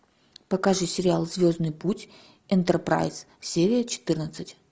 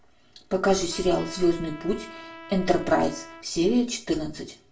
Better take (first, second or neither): first